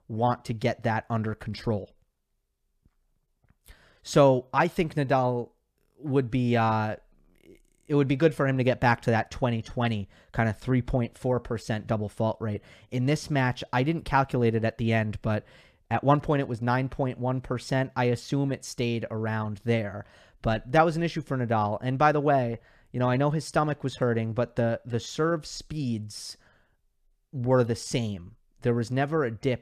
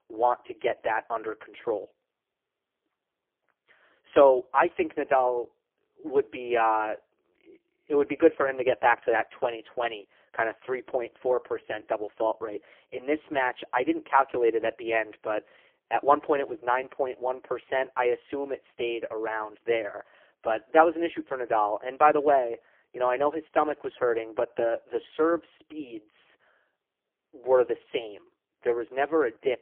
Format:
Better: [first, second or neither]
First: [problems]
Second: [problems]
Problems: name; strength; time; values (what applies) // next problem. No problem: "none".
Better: first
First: none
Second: phone-call audio; poor line; nothing above 3.5 kHz